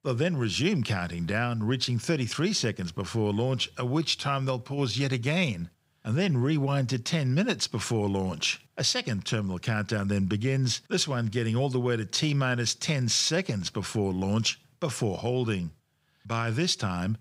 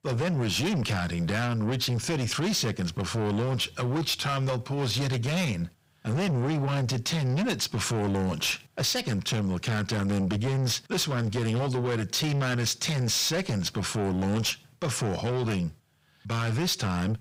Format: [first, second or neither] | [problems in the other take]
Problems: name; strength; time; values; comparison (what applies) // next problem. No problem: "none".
first | distortion; heavy; 7 dB below the speech